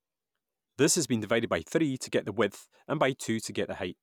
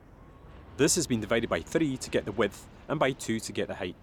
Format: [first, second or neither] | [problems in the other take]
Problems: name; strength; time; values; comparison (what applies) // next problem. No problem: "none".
first | background sound (Aircraft); 18 dB below the speech